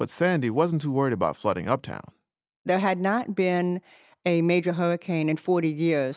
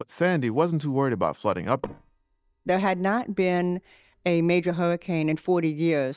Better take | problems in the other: first | noise reduction (neural mask model DeepFilterNet 3)

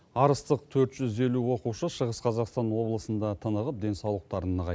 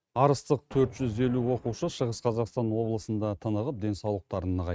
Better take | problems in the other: first | noise reduction (neural mask model RNNoise)

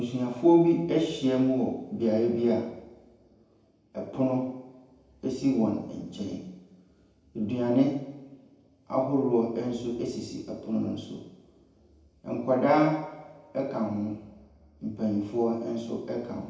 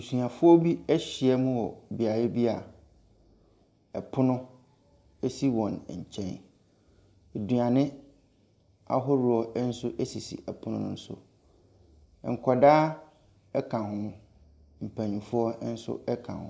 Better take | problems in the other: second | room echo; dies away in 0.9 s

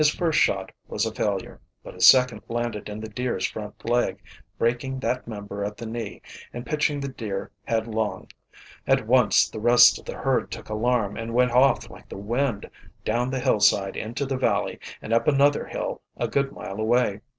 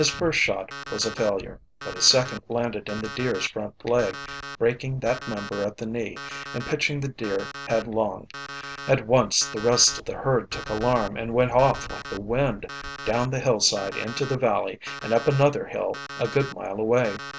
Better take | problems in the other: first | background sound (Alarm); 14 dB below the speech

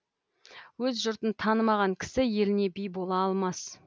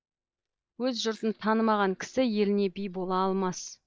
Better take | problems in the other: first | noise reduction (neural mask model DeepFilterNet 3)

